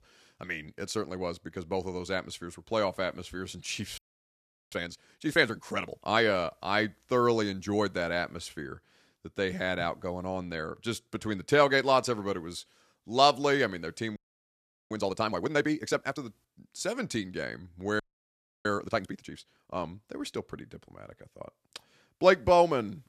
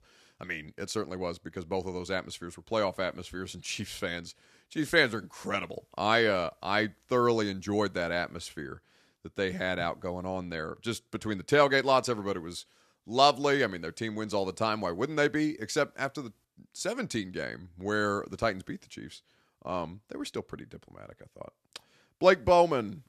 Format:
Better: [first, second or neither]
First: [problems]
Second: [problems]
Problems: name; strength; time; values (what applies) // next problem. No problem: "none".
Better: second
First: audio freezing; at 4 s for 0.5 s, at 14 s for 1 s and at 18 s for 0.5 s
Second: none